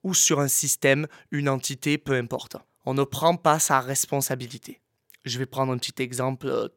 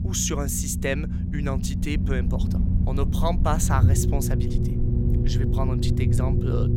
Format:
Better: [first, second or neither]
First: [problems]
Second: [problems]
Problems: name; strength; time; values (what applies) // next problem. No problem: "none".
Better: first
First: none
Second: low rumble; loud; throughout; 5 dB below the speech